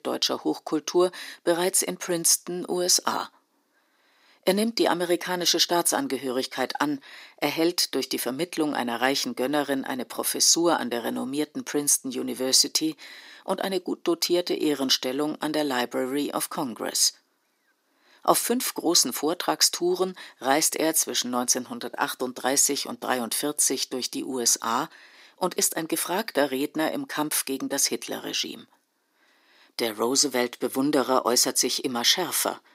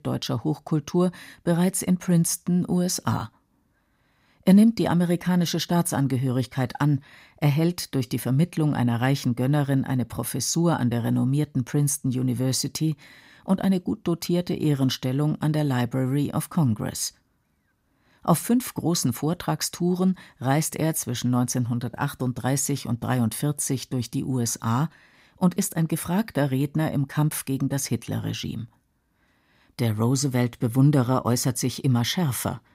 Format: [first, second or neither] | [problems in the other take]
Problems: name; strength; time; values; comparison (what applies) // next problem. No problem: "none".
second | thin; somewhat; fading below 350 Hz